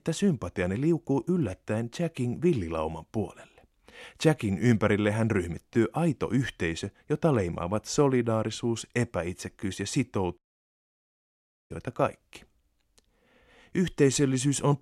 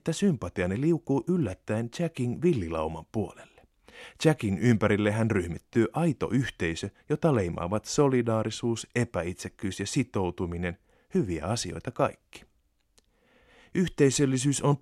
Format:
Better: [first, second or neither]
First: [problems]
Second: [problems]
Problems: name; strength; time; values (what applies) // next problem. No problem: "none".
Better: second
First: audio cutting out; at 10 s for 1.5 s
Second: none